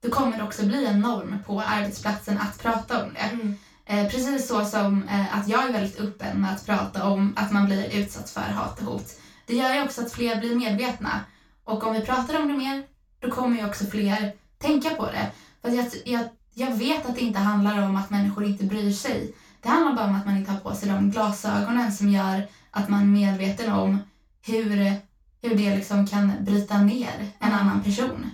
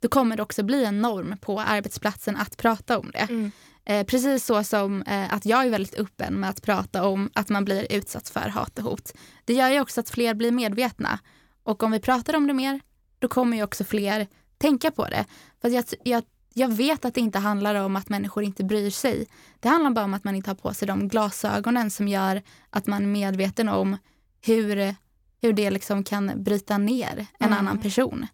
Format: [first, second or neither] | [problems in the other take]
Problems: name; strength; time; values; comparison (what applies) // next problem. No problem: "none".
second | room echo; noticeable; dies away in 0.2 s // off-mic speech; far